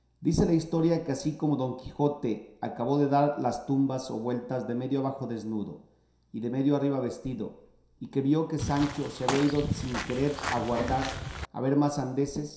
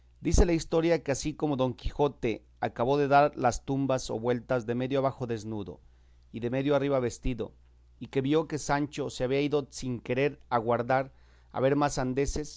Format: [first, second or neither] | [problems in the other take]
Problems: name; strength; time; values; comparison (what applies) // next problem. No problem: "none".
second | background sound (Walk, footsteps / Bird vocalization, bird call, bird song); 5 dB below the speech // room echo; dies away in 0.7 s